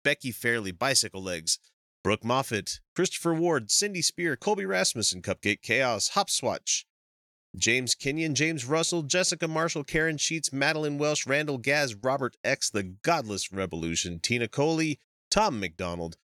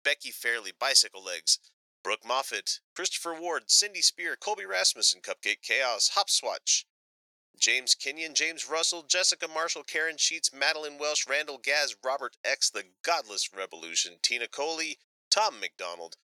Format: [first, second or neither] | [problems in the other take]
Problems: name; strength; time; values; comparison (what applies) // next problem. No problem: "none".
first | thin; very; fading below 550 Hz